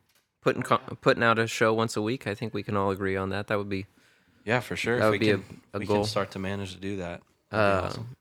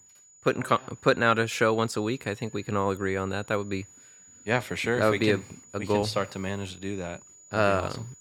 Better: first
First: none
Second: high-pitched whine; faint; throughout; 7 kHz, 25 dB below the speech

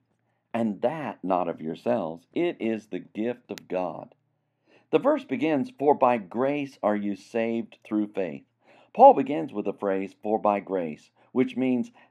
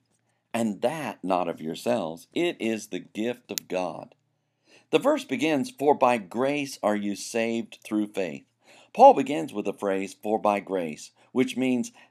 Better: second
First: muffled; very; fading above 3.5 kHz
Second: none

